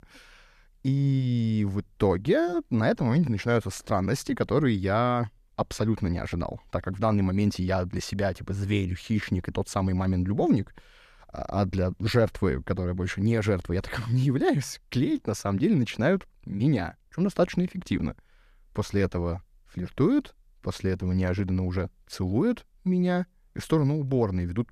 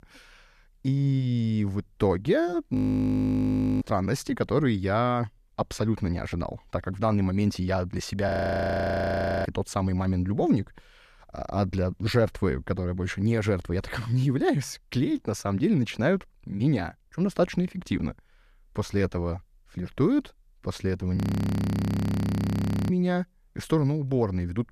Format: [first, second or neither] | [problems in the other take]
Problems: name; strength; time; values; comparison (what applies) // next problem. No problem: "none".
first | audio freezing; at 3 s for 1 s, at 8.5 s for 1 s and at 21 s for 1.5 s